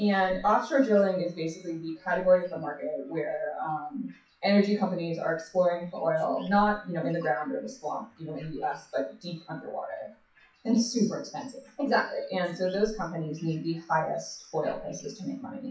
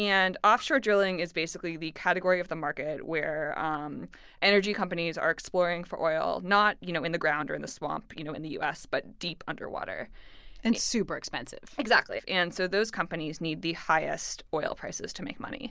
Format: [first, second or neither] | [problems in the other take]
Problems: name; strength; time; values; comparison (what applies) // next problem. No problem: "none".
second | noise reduction (classical method WPE with log-MMSE)